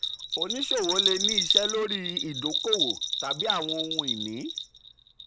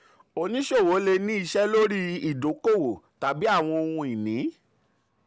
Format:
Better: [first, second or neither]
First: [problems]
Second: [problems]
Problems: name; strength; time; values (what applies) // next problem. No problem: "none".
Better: second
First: background sound (Bell); 3 dB above the speech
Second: none